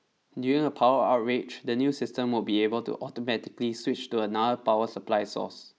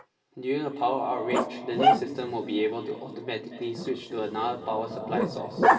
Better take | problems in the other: first | background sound (Growling); 1 dB above the speech // room echo; dies away in 2.8 s

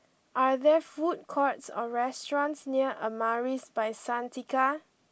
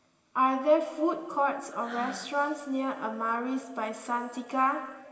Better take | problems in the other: first | background sound (Breathing); 17 dB below the speech // room echo; dies away in 2 s

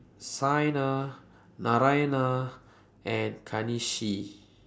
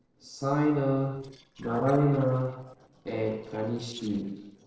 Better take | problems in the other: first | noise reduction (neural separator model SepFormer DNS4)

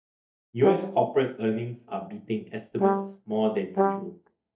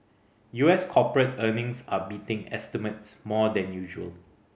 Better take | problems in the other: second | noise reduction (neural mask model DeepFilterNet 3)

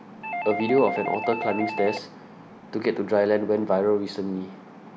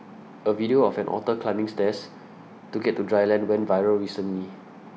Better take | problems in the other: second | background sound (Doorbell); 7 dB below the speech

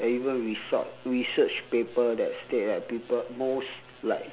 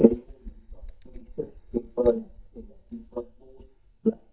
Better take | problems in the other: first | noise reduction (neural mask model DeepFilterNet 3)

